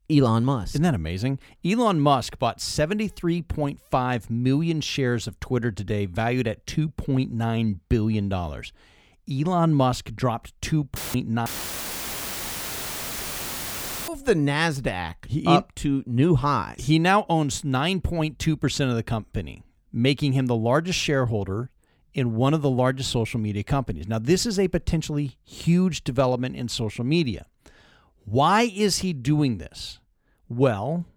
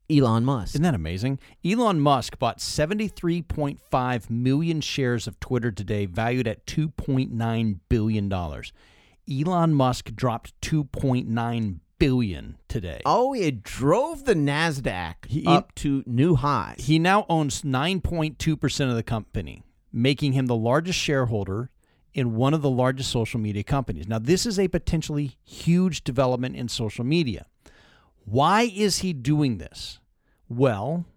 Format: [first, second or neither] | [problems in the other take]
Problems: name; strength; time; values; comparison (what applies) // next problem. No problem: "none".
second | audio cutting out; filled with static; at 11 s for 2.5 s